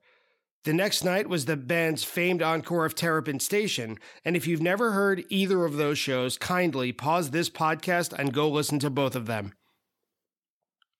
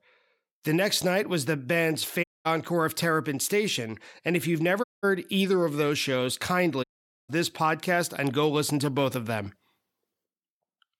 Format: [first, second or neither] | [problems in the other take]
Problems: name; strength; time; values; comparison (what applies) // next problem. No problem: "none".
first | audio cutting out; at 2 s, at 5 s and at 7 s